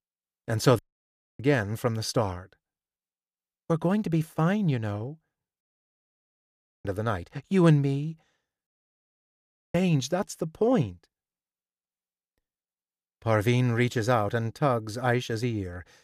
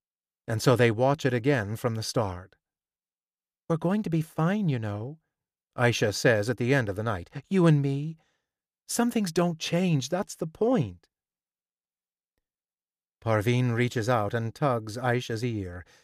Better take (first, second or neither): second